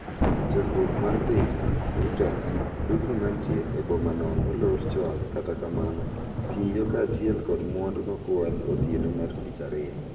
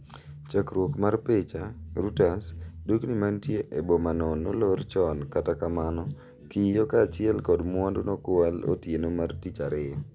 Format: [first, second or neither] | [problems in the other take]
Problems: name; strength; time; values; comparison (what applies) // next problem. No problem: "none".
second | background sound (Thunder / Rain); as loud as the speech // room echo; dies away in 1.7 s